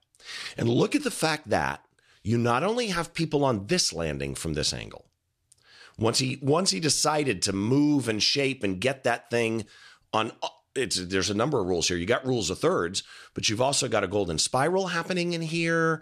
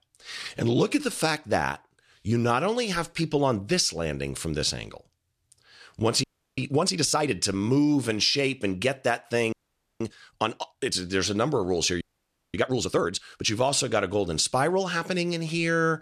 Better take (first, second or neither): first